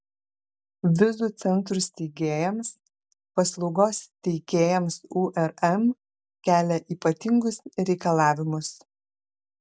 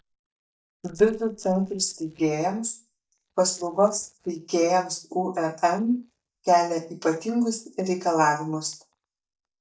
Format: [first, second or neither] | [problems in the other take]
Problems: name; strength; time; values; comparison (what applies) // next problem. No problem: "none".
first | noise reduction (neural mask model DeepFilterNet 3)